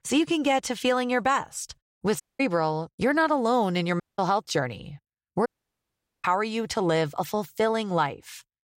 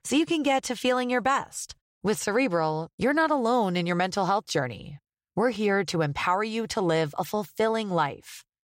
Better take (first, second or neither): second